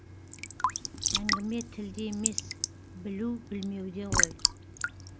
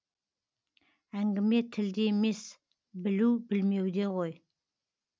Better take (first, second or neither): second